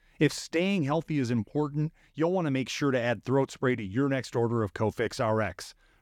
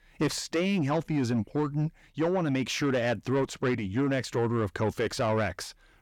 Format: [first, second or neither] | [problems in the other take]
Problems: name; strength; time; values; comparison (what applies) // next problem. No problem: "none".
first | distortion; slight; 10 dB below the speech